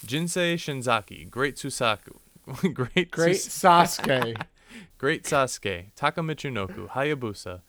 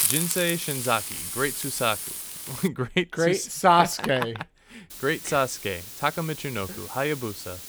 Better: first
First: hiss; faint; until 2.5 s and from 5 s on; 30 dB below the speech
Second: hiss; loud; until 2.5 s and from 5 s on; 6 dB below the speech

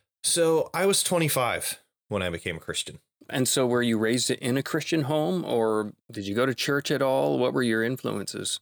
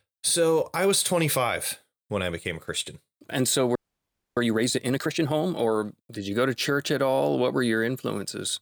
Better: first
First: none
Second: audio freezing; at 4 s for 0.5 s

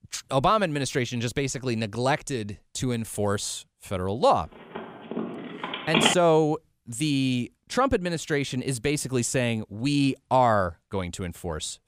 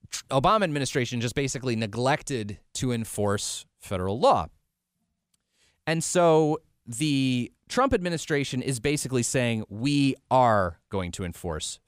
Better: second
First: phone ringing; loud; from 5 to 6 s; peak 4 dB above the speech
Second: none

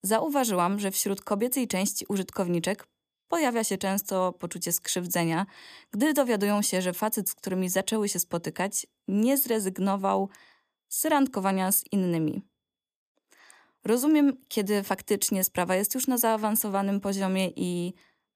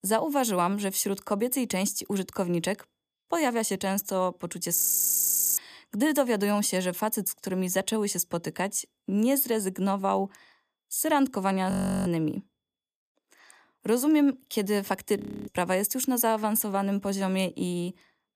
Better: first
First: none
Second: audio freezing; at 5 s for 1 s, at 12 s and at 15 s

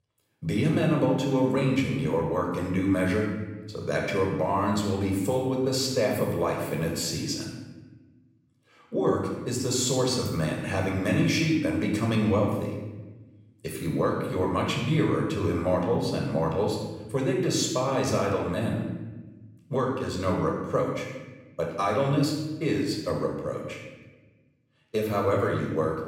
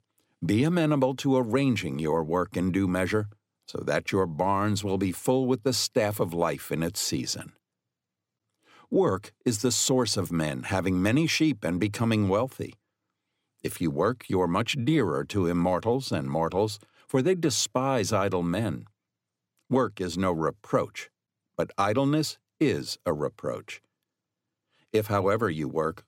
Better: second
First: room echo; noticeable; dies away in 1.1 s // off-mic speech; somewhat distant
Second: none

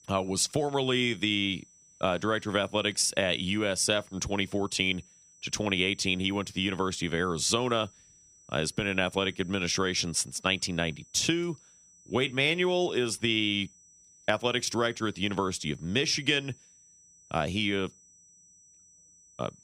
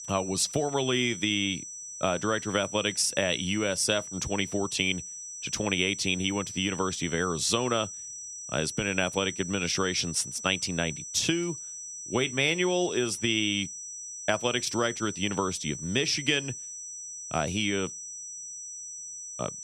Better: first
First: high-pitched whine; faint; throughout; 6 kHz, 25 dB below the speech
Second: high-pitched whine; loud; throughout; 6 kHz, 9 dB below the speech

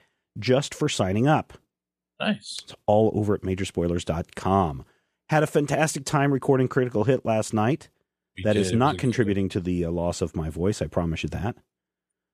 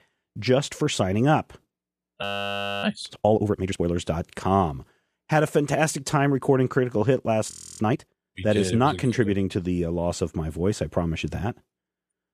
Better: first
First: none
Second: audio freezing; at 2 s for 0.5 s and at 7.5 s

